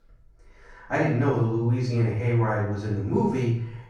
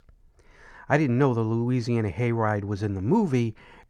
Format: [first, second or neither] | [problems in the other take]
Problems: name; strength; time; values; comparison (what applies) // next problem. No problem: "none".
second | off-mic speech; far // room echo; noticeable; dies away in 0.5 s